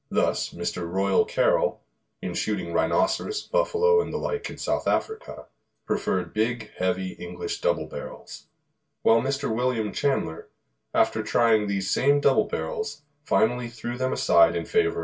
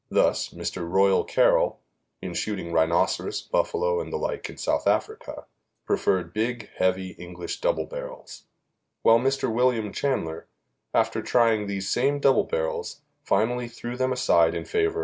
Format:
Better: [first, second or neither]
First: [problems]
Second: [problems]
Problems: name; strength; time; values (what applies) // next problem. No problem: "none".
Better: second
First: room echo; dies away in 0.2 s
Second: none